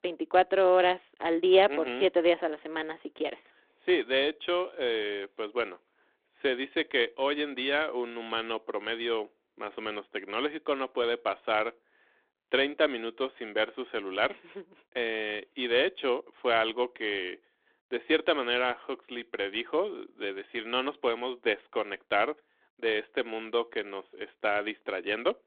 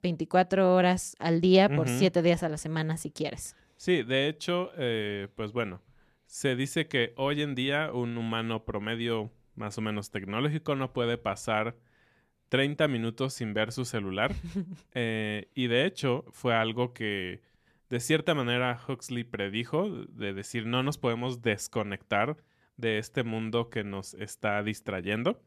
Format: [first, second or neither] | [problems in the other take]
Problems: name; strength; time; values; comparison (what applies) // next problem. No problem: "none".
second | phone-call audio; nothing above 3.5 kHz